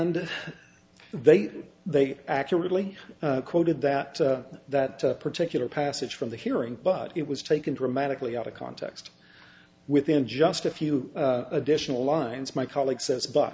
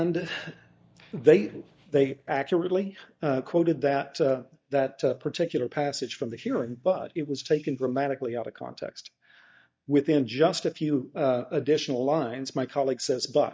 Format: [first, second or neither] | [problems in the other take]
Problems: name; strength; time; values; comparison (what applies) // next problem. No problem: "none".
first | noise reduction (neural mask model DeepFilterNet 3)